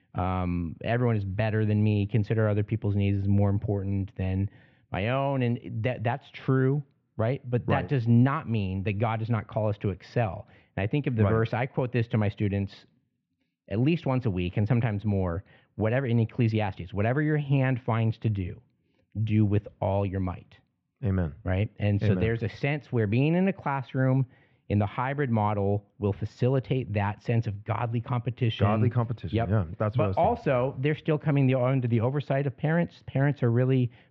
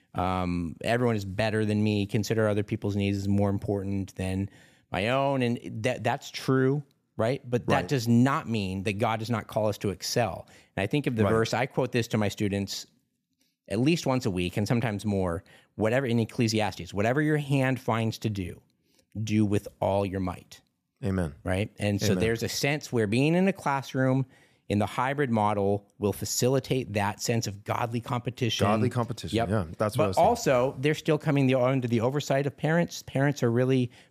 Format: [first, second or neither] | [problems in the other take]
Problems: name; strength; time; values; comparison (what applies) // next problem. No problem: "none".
second | muffled; very; fading above 3 kHz